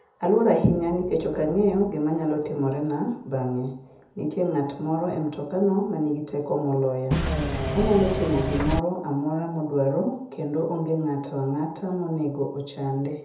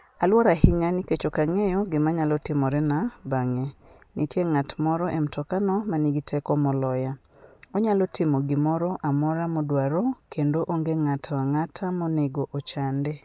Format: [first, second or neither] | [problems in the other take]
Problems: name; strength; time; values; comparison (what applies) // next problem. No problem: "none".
second | background sound (Engine / Mechanisms); as loud as the speech // room echo; dies away in 0.7 s